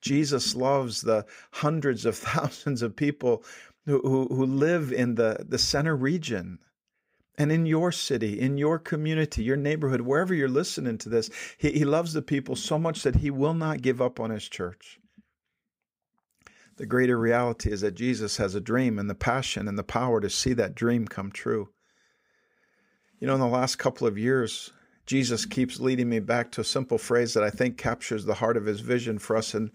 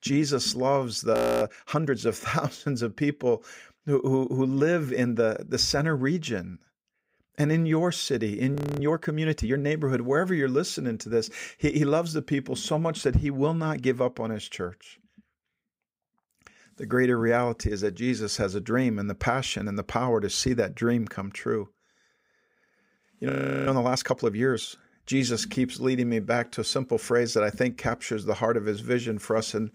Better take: first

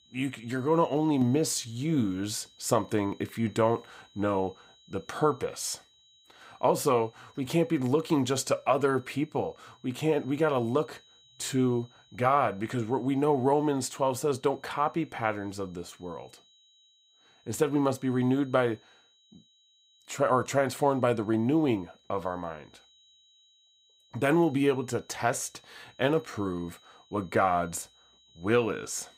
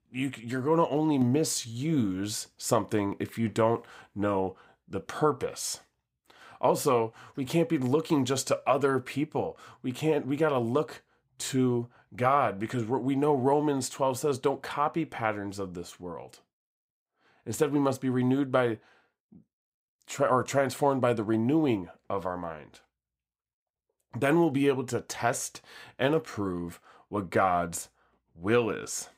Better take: second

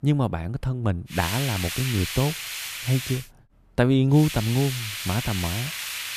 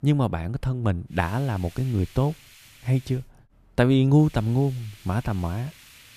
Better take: second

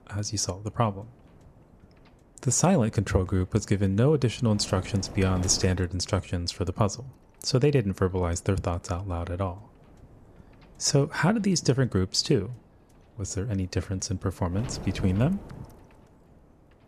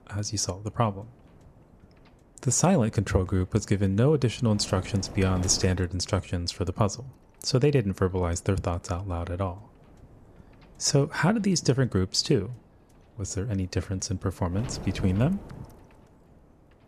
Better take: neither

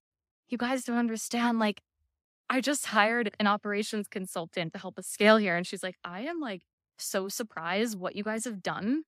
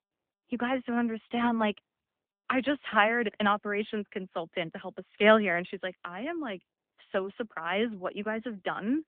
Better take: first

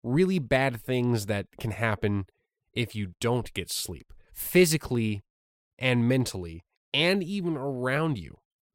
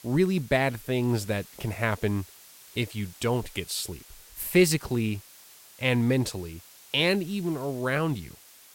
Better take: first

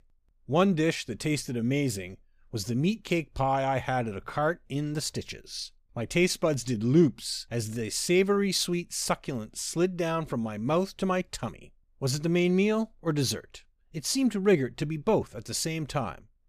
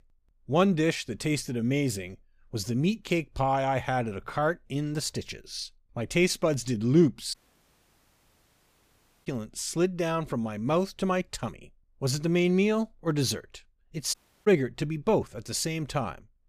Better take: first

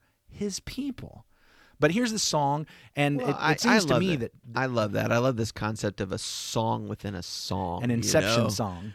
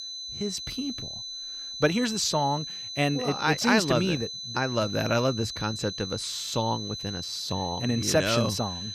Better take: first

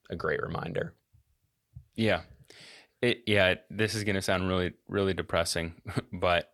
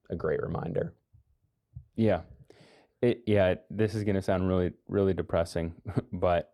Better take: first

